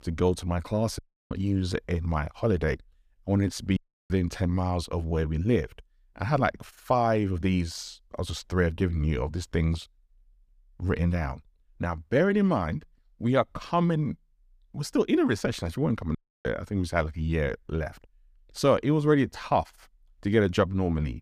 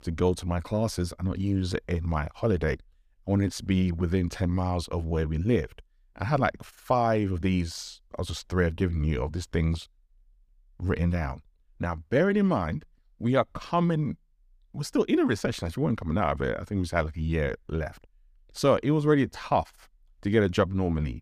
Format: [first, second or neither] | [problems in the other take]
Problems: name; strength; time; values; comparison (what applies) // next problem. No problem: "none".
second | audio cutting out; at 1 s, at 4 s and at 16 s